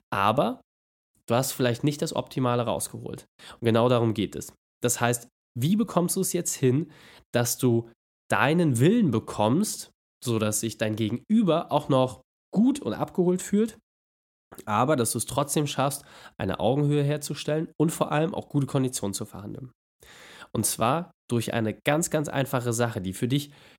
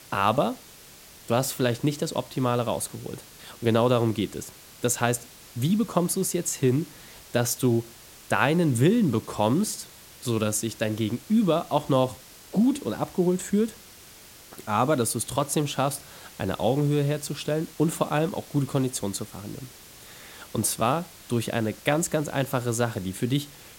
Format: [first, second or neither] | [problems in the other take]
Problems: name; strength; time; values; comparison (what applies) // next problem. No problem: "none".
first | hiss; noticeable; throughout; 20 dB below the speech